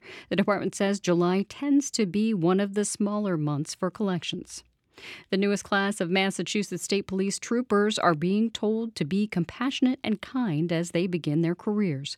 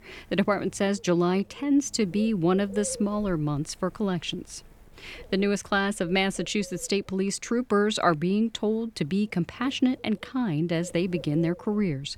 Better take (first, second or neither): first